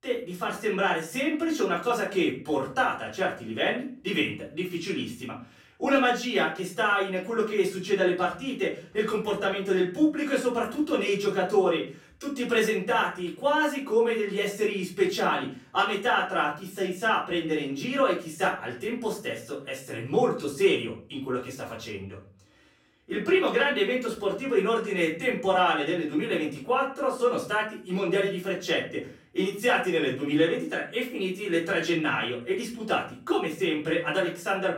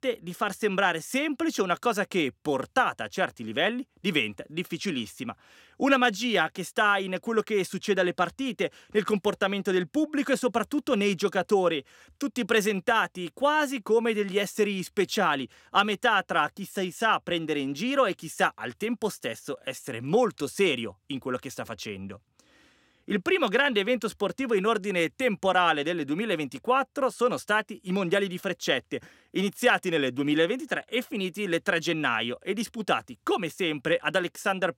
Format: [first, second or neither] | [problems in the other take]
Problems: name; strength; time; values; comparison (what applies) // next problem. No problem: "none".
second | off-mic speech; far // room echo; slight; dies away in 0.4 s